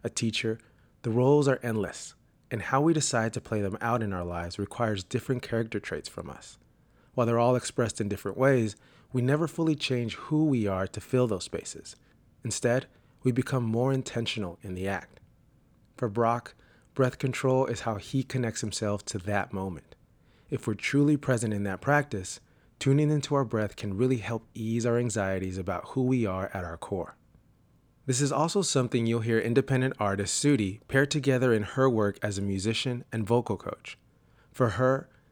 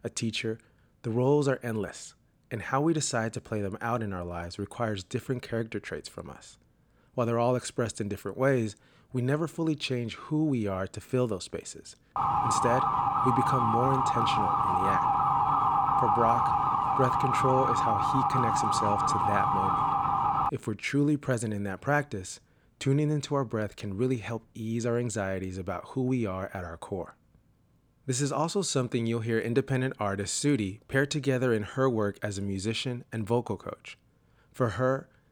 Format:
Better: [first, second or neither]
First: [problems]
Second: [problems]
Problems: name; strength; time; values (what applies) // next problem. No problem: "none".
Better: first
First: none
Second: siren; loud; from 12 to 21 s; peak 6 dB above the speech